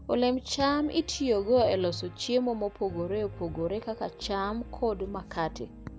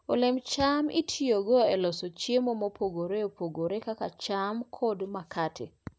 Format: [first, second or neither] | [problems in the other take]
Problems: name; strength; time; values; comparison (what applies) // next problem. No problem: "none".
second | background sound (Piano); 14 dB below the speech